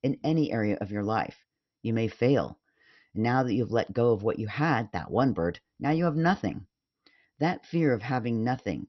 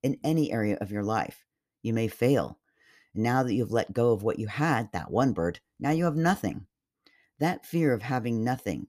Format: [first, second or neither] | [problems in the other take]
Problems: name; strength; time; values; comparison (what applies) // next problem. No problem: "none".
second | garbled, watery; slightly; nothing above 6 kHz